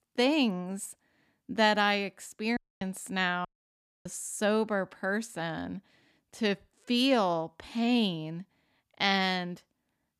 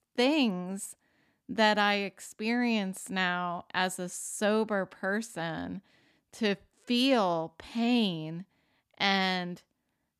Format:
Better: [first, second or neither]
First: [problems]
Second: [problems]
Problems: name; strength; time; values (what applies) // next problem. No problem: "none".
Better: second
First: audio cutting out; at 2.5 s and at 3.5 s for 0.5 s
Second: none